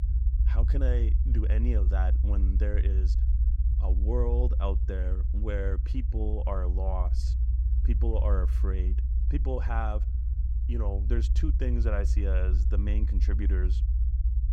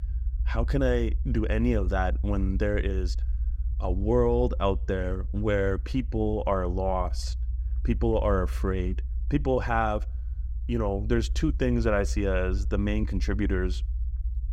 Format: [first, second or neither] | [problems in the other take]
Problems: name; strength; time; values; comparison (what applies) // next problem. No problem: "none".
second | low rumble; loud; throughout; 8 dB below the speech; faint in the second